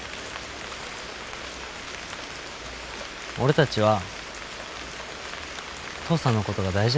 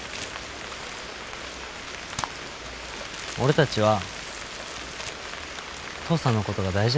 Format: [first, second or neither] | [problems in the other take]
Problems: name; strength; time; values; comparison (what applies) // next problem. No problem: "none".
first | background sound (Crumpling, crinkling); 15 dB below the speech